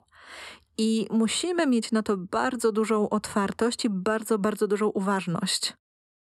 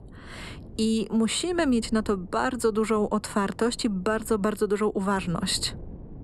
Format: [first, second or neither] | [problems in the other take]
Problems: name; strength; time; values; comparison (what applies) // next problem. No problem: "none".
first | wind noise on the microphone; occasional gusts; 25 dB below the speech